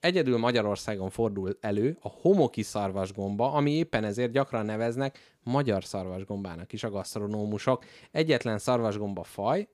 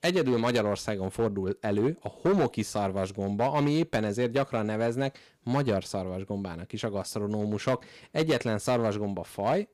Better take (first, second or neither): first